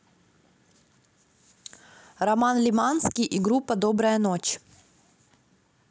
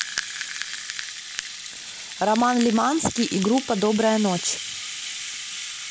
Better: first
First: none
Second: background sound (Rattle (instrument)); 8 dB below the speech

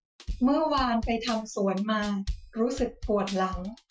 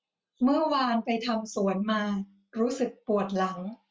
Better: second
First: noise reduction (classical method Wiener filter)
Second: none

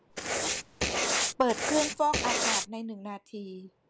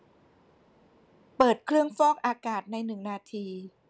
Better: second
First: background sound (Writing); 3 dB above the speech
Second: none

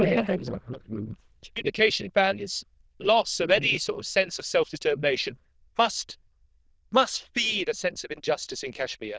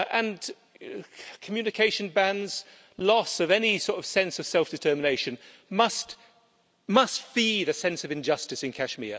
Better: second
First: noise reduction (neural diffusion model UNIVERSE++)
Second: none

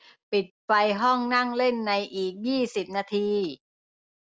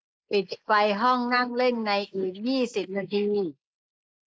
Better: first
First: none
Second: noise reduction (neural mask model Resemble Enhance denoiser)

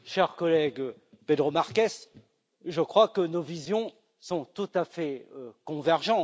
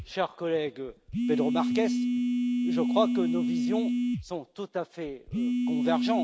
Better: first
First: none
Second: background sound (Telephone); 4 dB above the speech

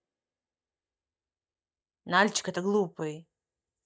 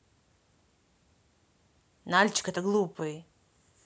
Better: second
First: noise reduction (neural mask model DeepFilterNet 3)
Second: none

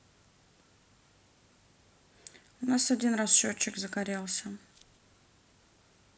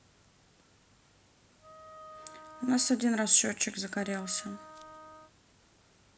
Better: first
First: none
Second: background sound (Wind instrument, woodwind instrument); 17 dB below the speech

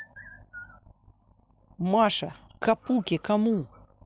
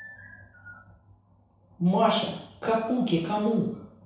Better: first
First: none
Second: room echo; dies away in 0.7 s

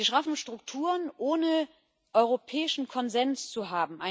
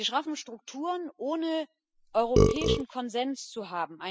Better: first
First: none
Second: noise reduction (classical method spectral subtraction)

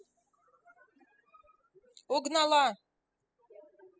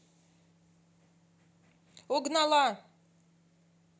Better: second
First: noise reduction (classical method spectral subtraction)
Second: none

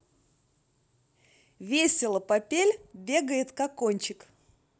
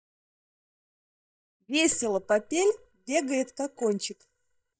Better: first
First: none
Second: noise reduction (neural mask model DeepFilterNet 3)

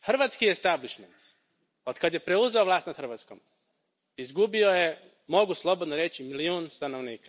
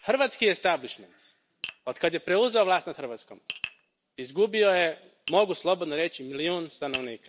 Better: first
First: none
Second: background sound (Tap); 18 dB below the speech

